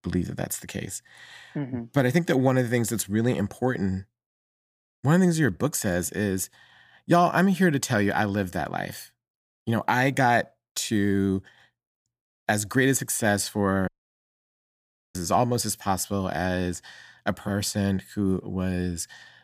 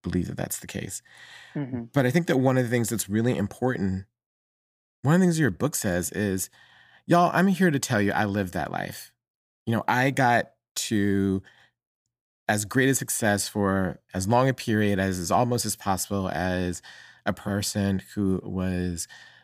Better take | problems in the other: second | audio cutting out; at 14 s for 1.5 s

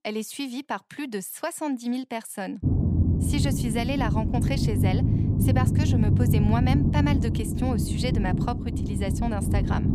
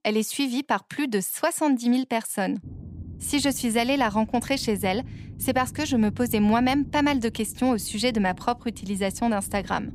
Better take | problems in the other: second | low rumble; loud; from 2.5 s on; 2 dB below the speech; faint in the second

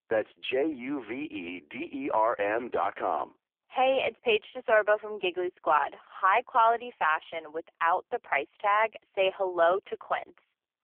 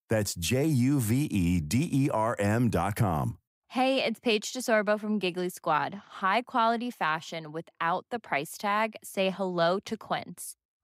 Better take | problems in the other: second | phone-call audio; poor line; nothing above 3.5 kHz

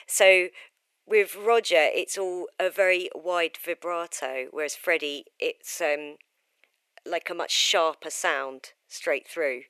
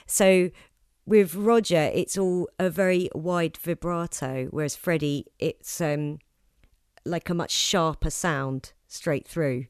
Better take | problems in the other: second | thin; very; fading below 400 Hz

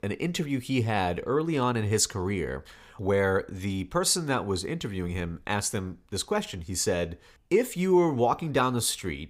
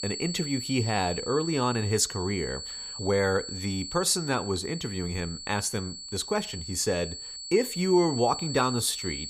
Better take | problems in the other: first | high-pitched whine; loud; throughout; 4.5 kHz, 8 dB below the speech

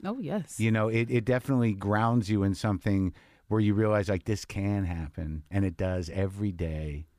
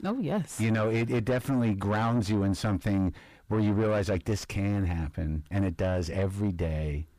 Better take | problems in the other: first | distortion; heavy; 7 dB below the speech

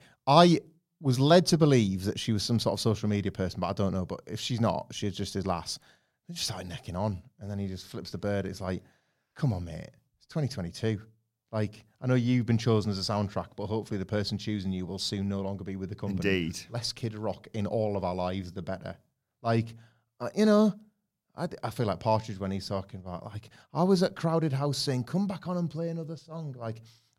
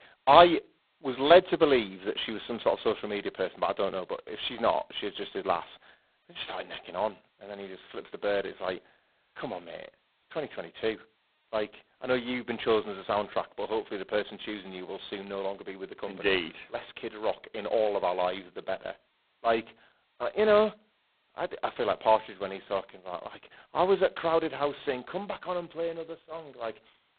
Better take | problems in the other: first | phone-call audio; poor line; nothing above 4 kHz

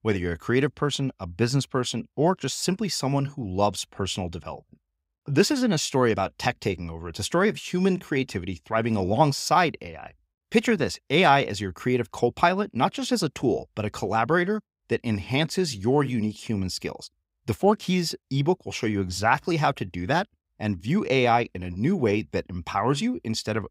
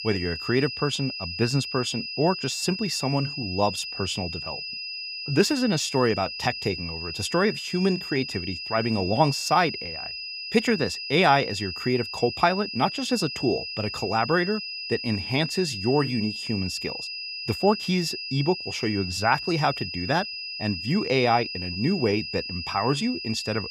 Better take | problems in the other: first | high-pitched whine; loud; throughout; 5 kHz, 6 dB below the speech

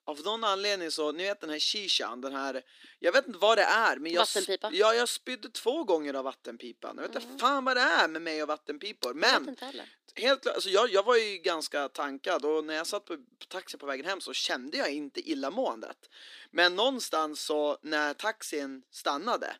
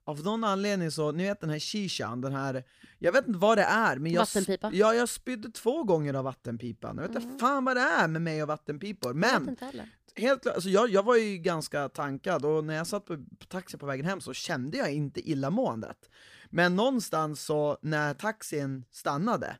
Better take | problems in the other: second | thin; somewhat; fading below 300 Hz

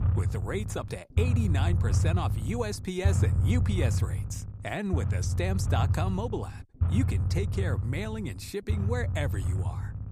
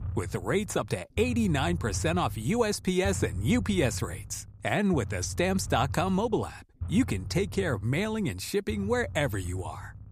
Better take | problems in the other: second | low rumble; loud; throughout; 7 dB below the speech; faint in the second

